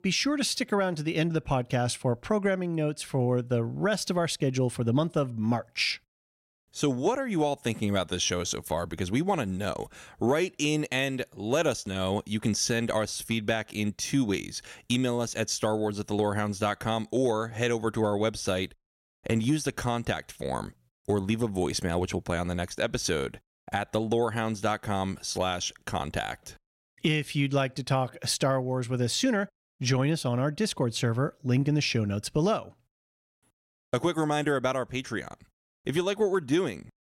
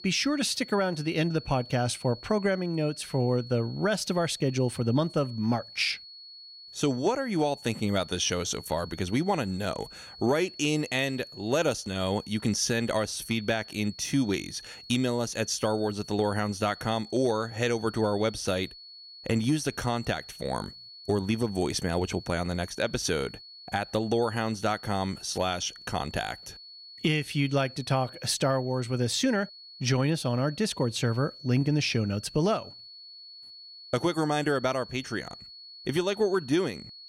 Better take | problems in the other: first | high-pitched whine; noticeable; throughout; 4.5 kHz, 15 dB below the speech

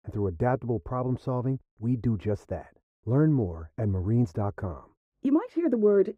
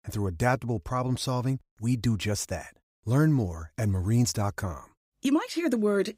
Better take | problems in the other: second | muffled; very; fading above 2.5 kHz

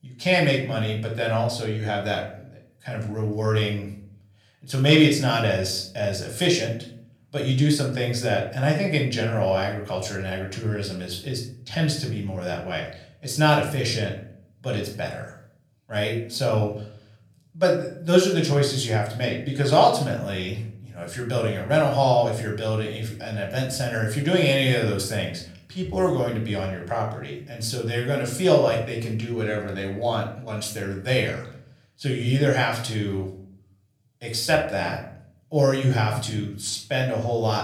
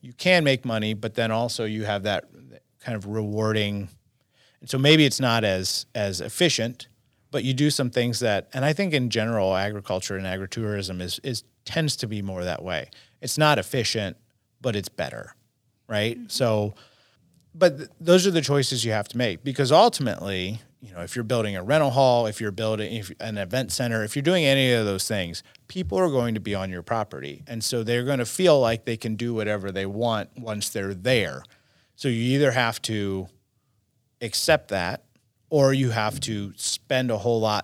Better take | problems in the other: second | off-mic speech; somewhat distant // room echo; slight; dies away in 0.5 s

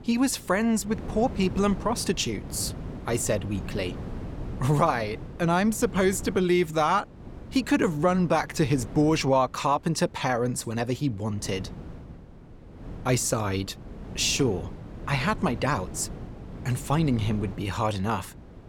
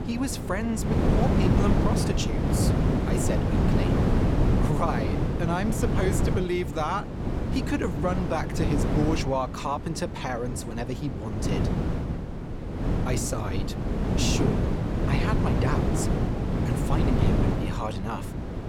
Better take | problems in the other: first | wind noise on the microphone; heavy; 1 dB below the speech; occasional gusts in the first

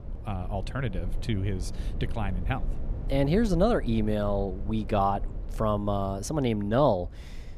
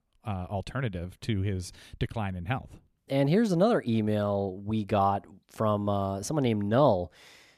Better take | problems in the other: second | low rumble; faint; throughout; 20 dB below the speech

